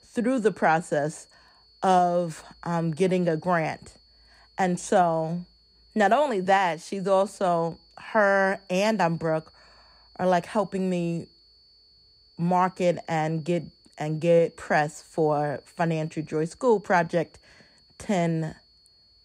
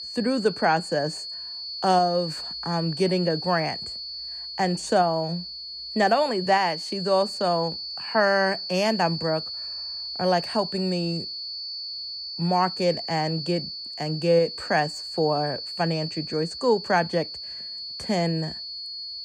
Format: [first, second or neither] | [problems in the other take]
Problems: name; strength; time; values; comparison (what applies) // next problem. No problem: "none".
first | high-pitched whine; loud; throughout; 4.5 kHz, 7 dB below the speech; faint in the first